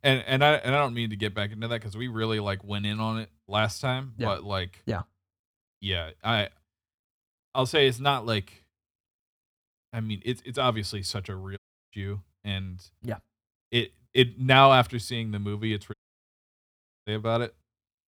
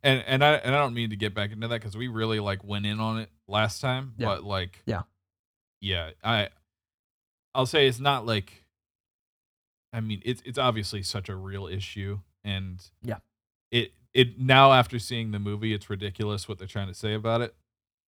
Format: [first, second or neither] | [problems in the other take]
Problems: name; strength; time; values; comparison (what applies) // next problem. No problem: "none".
second | audio cutting out; at 12 s and at 16 s for 1 s